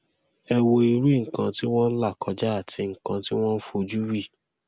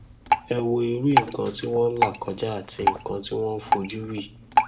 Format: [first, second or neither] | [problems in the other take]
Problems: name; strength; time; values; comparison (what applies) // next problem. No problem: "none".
first | background sound (Drip); as loud as the speech // room echo; dies away in 0.8 s